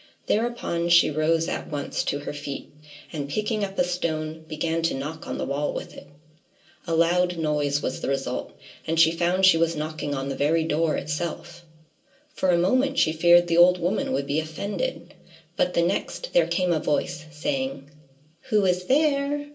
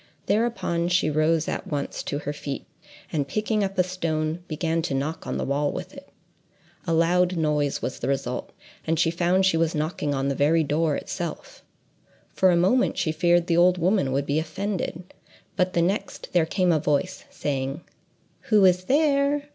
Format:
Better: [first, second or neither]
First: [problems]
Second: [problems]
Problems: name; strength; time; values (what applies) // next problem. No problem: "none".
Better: second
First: room echo; dies away in 0.2 s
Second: none